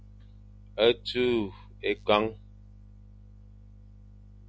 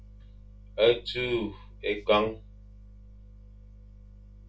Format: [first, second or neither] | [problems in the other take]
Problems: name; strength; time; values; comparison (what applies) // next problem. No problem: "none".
first | room echo; dies away in 0.3 s